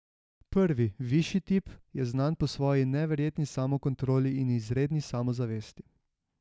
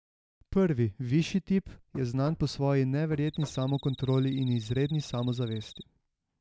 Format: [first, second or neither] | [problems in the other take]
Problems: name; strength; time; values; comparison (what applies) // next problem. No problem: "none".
first | background sound (Knock + Cricket); 20 dB below the speech